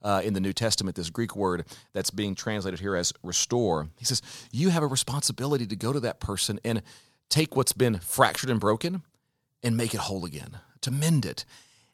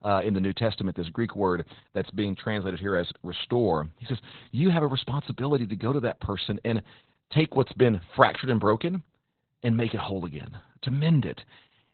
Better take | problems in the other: first | garbled, watery; badly; nothing above 4 kHz

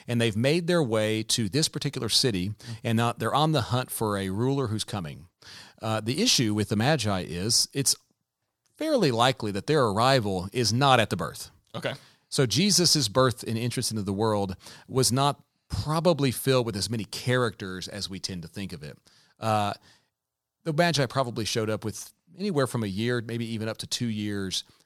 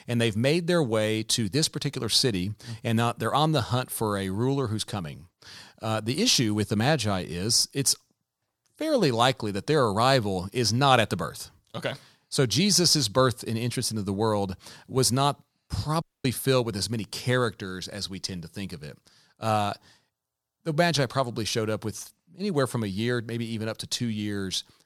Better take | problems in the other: first | audio cutting out; at 16 s

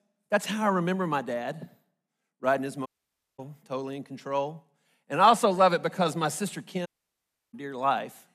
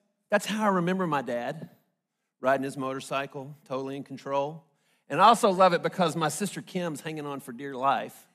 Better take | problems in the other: second | audio cutting out; at 3 s for 0.5 s and at 7 s for 0.5 s

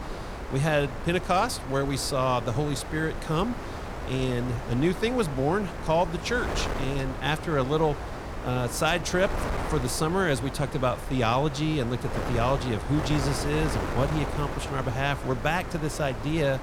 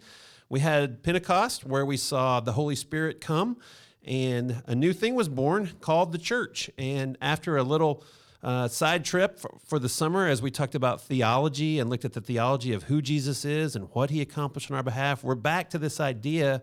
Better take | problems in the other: second | wind noise on the microphone; heavy; 7 dB below the speech

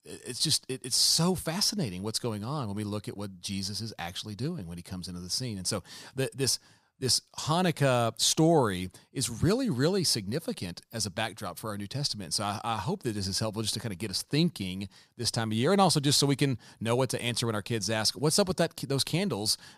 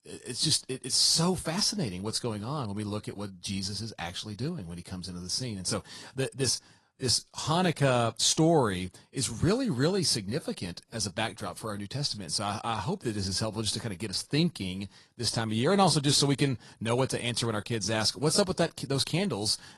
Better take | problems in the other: first | garbled, watery; slightly

